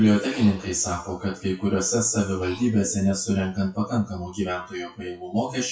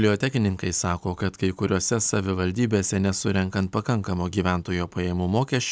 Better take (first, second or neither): second